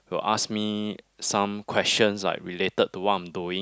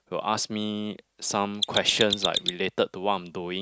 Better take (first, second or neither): first